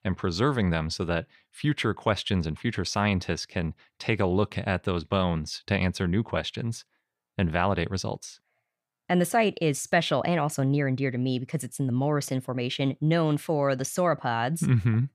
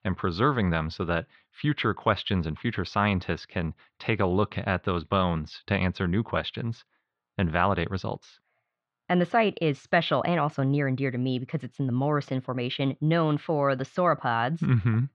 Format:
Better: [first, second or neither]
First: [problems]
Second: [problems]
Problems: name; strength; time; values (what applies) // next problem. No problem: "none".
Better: first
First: none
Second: muffled; slightly; fading above 3.5 kHz